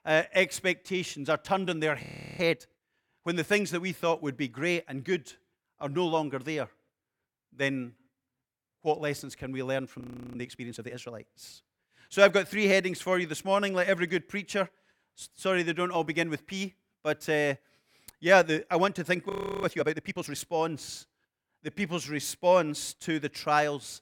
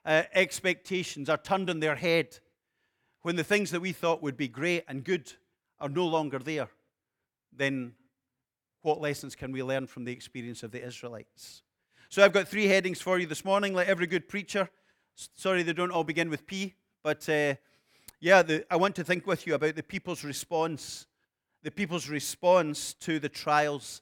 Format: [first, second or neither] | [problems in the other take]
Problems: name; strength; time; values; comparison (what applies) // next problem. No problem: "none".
second | audio freezing; at 2 s, at 10 s and at 19 s